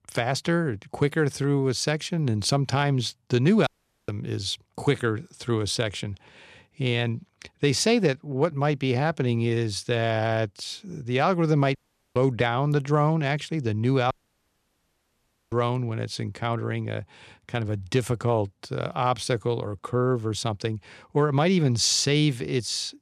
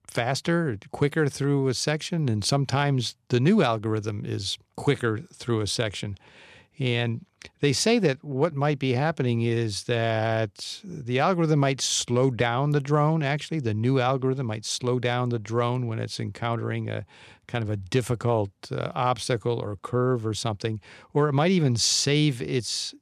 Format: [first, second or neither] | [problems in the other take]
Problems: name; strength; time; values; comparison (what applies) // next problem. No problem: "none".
second | audio cutting out; at 3.5 s, at 12 s and at 14 s for 1.5 s